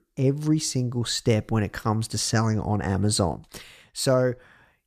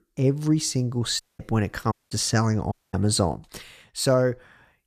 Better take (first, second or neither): first